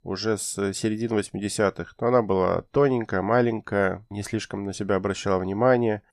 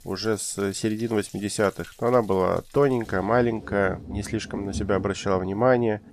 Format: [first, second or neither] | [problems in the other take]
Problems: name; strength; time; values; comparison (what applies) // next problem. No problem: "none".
first | rain or running water; noticeable; throughout; 15 dB below the speech